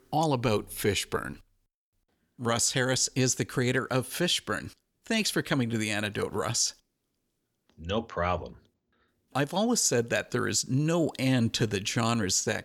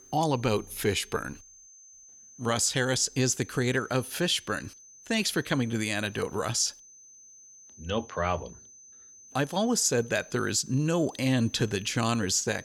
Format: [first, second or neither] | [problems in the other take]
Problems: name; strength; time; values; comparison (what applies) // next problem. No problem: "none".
first | high-pitched whine; faint; throughout; 6 kHz, 20 dB below the speech